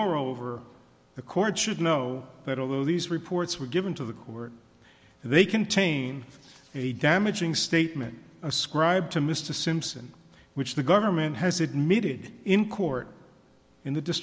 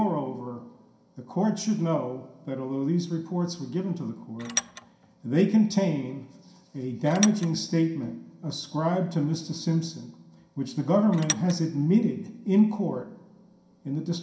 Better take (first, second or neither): first